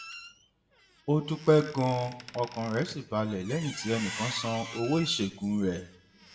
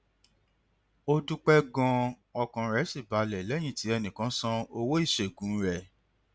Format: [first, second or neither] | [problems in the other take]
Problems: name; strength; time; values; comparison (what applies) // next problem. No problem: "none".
second | background sound (Squeak); 14 dB below the speech // room echo; dies away in 0.6 s